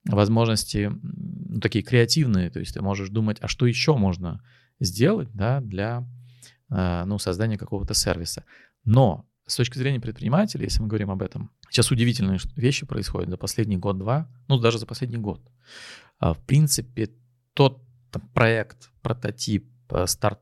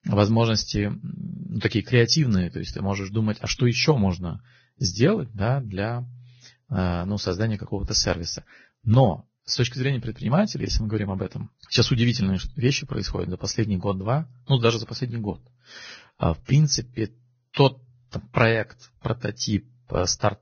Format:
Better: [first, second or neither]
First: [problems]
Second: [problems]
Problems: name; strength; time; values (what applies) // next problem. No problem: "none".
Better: first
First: none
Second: garbled, watery; badly; nothing above 6.5 kHz